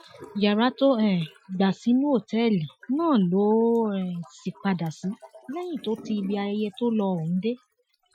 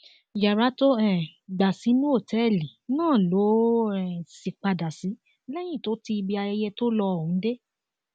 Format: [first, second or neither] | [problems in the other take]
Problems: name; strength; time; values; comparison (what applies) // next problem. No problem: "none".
second | noise reduction (classical method Wiener filter)